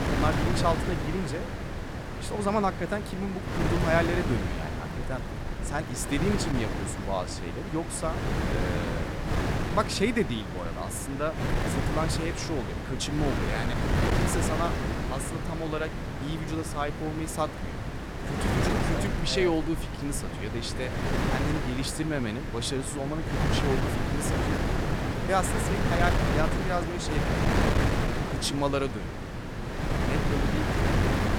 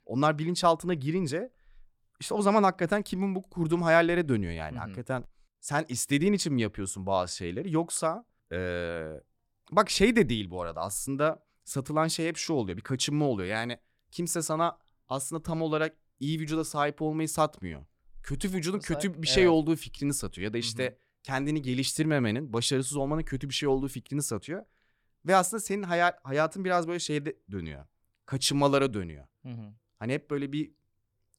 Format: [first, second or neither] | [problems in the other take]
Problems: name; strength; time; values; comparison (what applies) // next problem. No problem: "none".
second | wind noise on the microphone; heavy; 1 dB below the speech